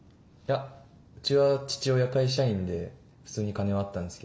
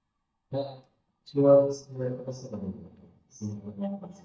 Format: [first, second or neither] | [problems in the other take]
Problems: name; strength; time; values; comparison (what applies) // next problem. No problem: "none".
first | noise reduction (neural mask model DeepFilterNet 3)